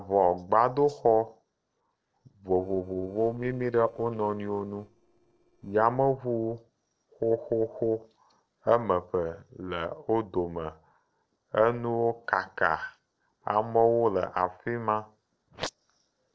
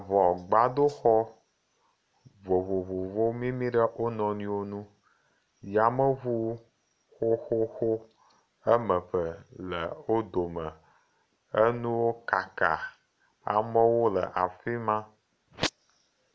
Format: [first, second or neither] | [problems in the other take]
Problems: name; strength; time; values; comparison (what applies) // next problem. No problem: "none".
second | noise reduction (neural separator model SepFormer DNS4)